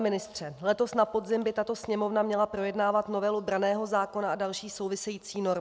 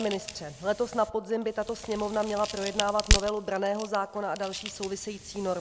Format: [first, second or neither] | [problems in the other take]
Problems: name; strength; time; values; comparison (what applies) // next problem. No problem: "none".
first | background sound (Crack); 4 dB below the speech